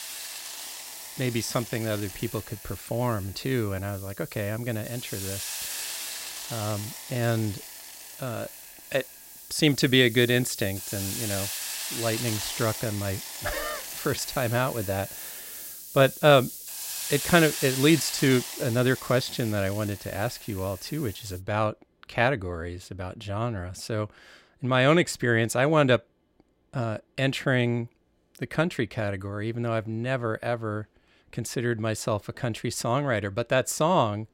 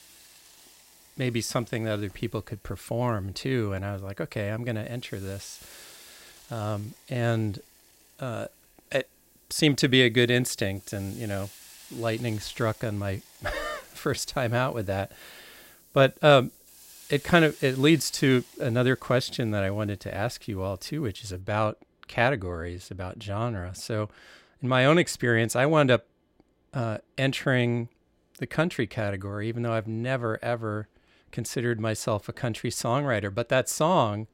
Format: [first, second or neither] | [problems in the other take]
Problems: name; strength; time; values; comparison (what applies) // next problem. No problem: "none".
second | hiss; loud; until 21 s; 8 dB below the speech; faint in the second